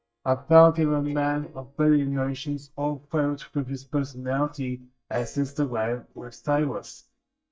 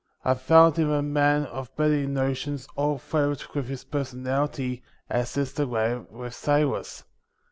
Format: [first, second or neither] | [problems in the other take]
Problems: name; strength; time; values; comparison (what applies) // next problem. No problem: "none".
second | noise reduction (neural mask model DeepFilterNet 3)